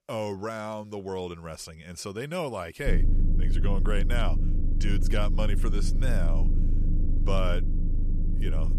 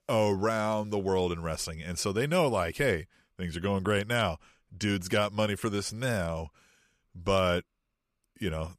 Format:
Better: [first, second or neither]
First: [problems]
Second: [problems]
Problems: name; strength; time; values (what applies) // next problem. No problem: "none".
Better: second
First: low rumble; loud; from 3 s on; 9 dB below the speech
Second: none